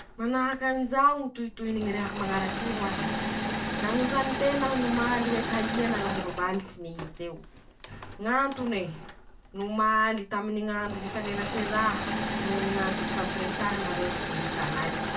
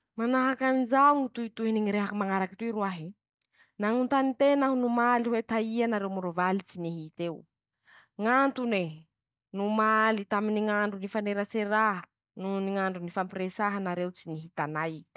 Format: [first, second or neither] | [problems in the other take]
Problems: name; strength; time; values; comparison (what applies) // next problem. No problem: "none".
second | background sound (Engine / Mechanisms); 4 dB below the speech // room echo; dies away in 0.2 s